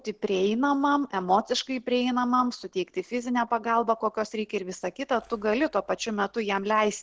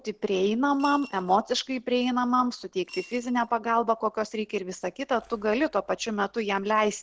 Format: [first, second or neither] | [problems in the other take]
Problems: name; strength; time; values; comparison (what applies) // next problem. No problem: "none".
first | background sound (Coin (dropping) / Glass); 20 dB below the speech